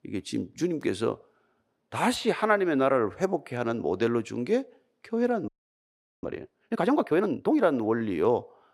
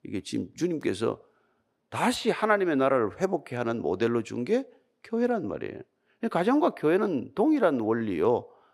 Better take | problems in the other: second | audio freezing; at 5.5 s for 1 s

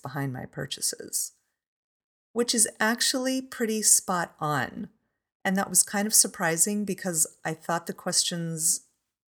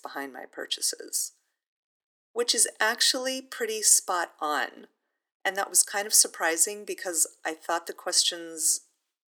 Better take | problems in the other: first | thin; very; fading below 300 Hz

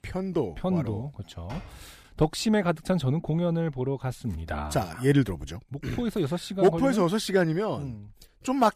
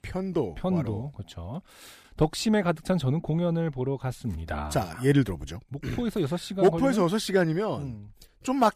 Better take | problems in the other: second | door banging; faint; at 1.5 s; peak 20 dB below the speech

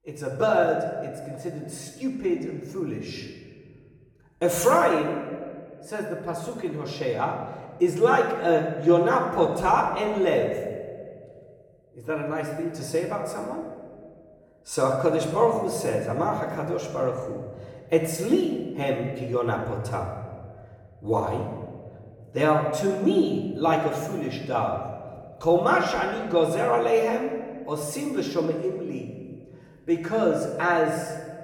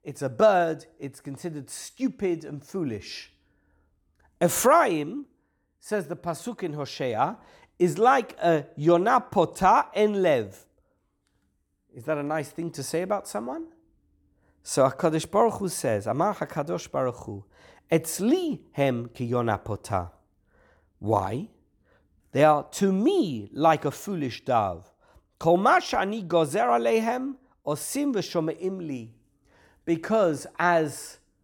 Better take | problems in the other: second | off-mic speech; far // room echo; noticeable; dies away in 1.4 s

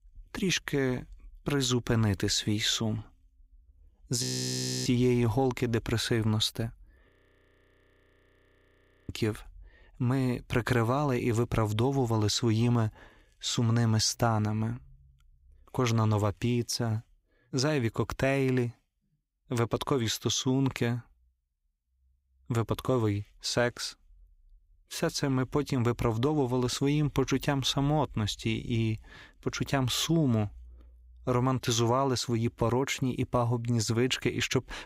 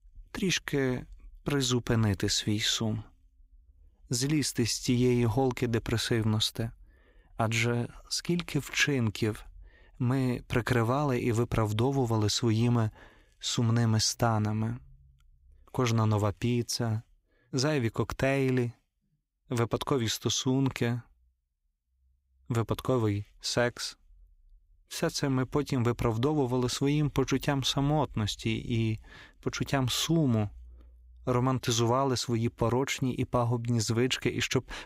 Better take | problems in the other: second | audio freezing; at 4 s for 0.5 s and at 7 s for 2 s

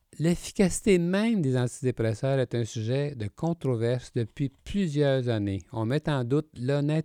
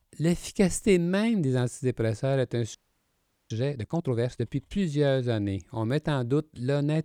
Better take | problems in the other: first | audio freezing; at 3 s for 1 s

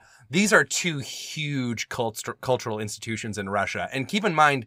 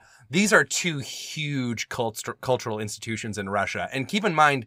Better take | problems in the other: neither | none

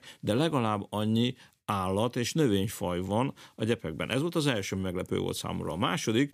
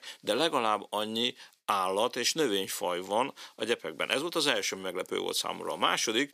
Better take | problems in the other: first | thin; somewhat; fading below 500 Hz

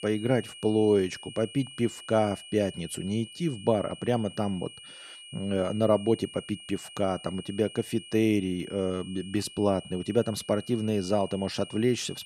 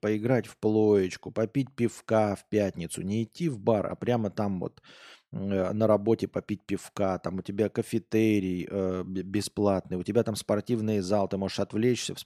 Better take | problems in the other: second | high-pitched whine; noticeable; throughout; 3 kHz, 15 dB below the speech

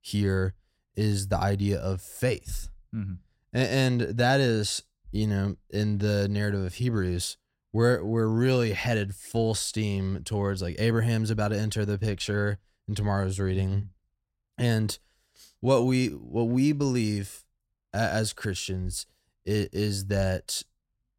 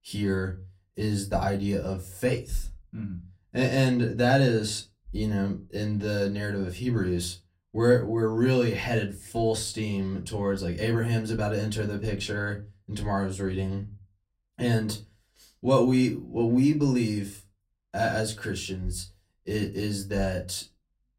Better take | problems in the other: first | off-mic speech; far // room echo; very slight; dies away in 0.2 s

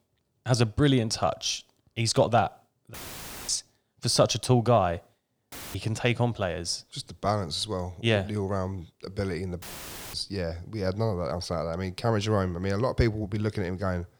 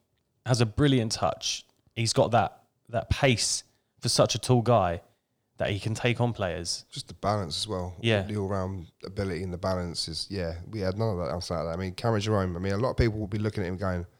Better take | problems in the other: second | audio cutting out; filled with static; at 3 s for 0.5 s, at 5.5 s and at 9.5 s for 0.5 s

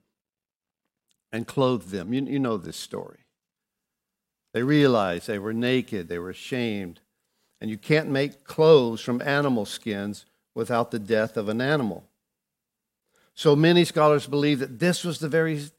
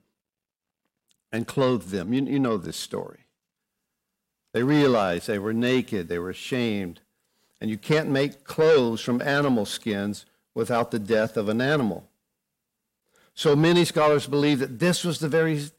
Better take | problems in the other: first | distortion; slight; 10 dB below the speech

